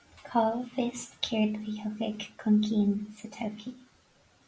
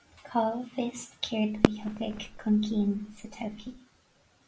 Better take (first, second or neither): first